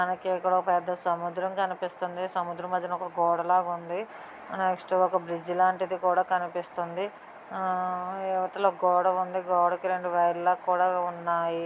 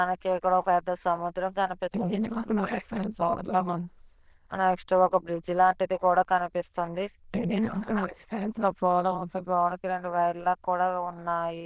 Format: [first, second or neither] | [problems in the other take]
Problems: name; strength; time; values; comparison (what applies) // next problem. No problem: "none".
first | noise reduction (neural diffusion model UNIVERSE++)